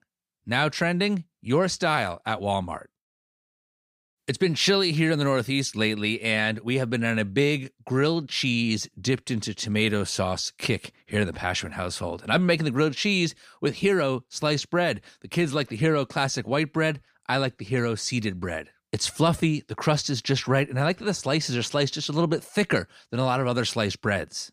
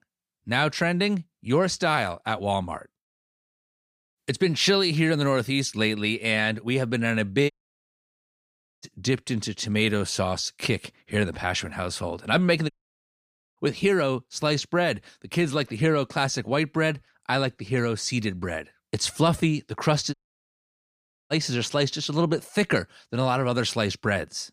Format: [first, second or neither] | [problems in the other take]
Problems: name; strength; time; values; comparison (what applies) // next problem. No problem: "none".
first | audio cutting out; at 7.5 s for 1.5 s, at 13 s for 1 s and at 20 s for 1 s